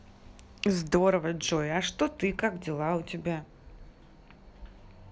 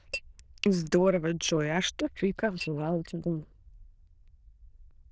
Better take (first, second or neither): first